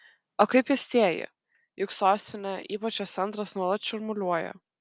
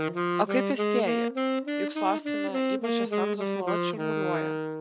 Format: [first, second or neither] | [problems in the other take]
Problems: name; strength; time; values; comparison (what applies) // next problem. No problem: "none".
first | background sound (Wind instrument, woodwind instrument); 4 dB above the speech